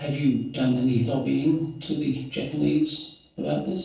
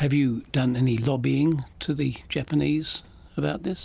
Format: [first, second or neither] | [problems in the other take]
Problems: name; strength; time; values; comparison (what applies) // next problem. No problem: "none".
second | noise reduction (neural separator model SepFormer DNS4)